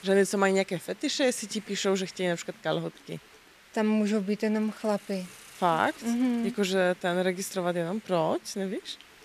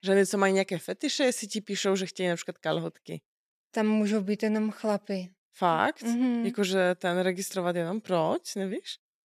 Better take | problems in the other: second | hiss; faint; throughout; 20 dB below the speech

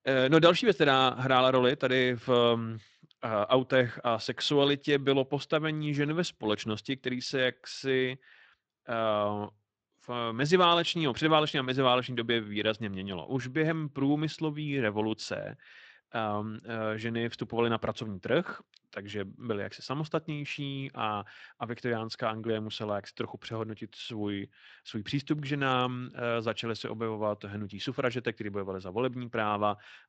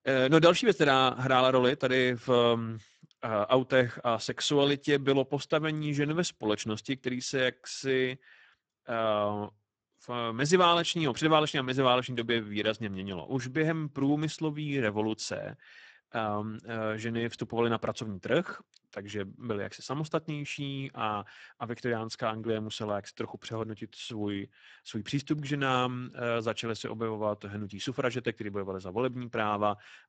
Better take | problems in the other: first | garbled, watery; badly; nothing above 8 kHz; slightly in the first

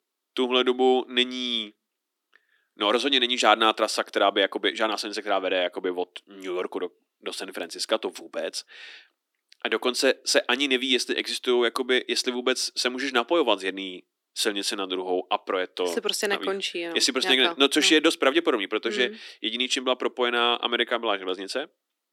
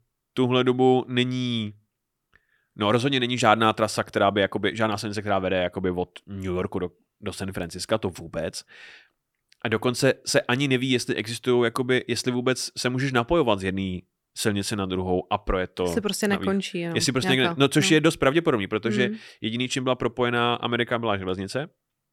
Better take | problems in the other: second | thin; very slightly; fading below 250 Hz

